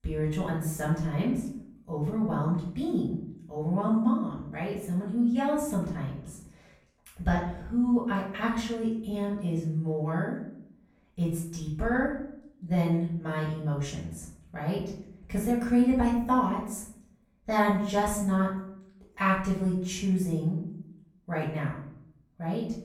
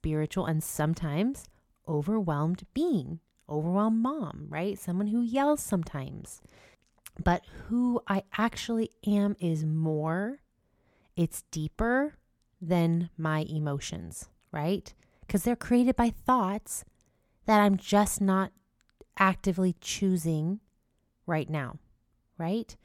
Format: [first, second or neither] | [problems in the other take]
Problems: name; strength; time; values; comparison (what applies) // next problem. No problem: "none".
second | off-mic speech; far // room echo; noticeable; dies away in 0.6 s